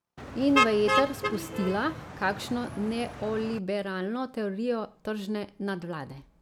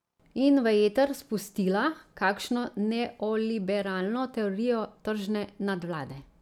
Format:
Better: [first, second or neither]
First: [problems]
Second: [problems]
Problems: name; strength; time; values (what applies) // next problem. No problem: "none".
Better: second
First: background sound (Motor vehicle (road)); 2 dB below the speech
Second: none